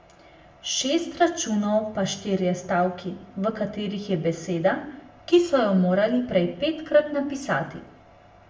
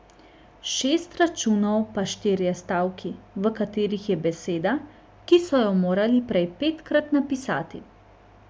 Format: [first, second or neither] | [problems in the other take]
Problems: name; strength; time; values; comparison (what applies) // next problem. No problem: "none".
second | room echo; dies away in 0.5 s